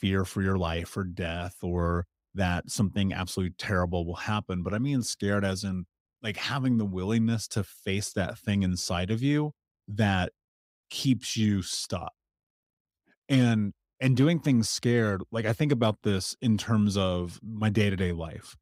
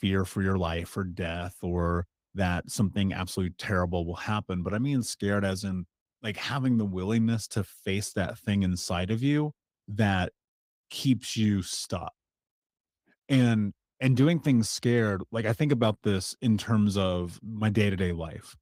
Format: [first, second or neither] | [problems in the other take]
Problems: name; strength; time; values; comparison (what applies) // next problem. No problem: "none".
first | garbled, watery; slightly; nothing above 15.5 kHz